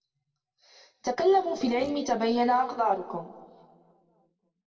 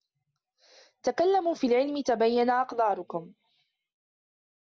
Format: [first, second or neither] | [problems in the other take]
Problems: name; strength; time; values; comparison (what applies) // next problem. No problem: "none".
second | noise reduction (neural separator model SepFormer DNS4)